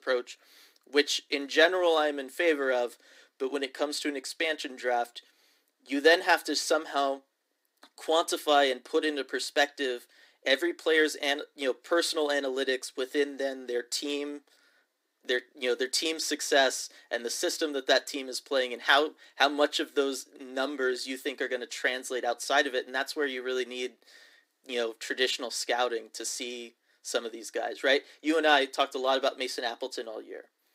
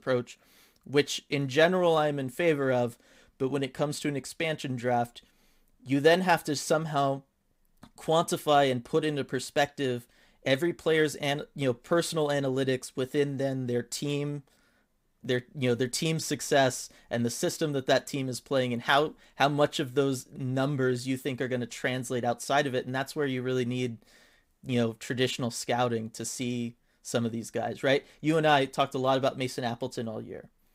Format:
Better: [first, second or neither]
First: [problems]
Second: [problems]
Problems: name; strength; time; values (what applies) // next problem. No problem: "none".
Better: second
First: thin; somewhat; fading below 300 Hz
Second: none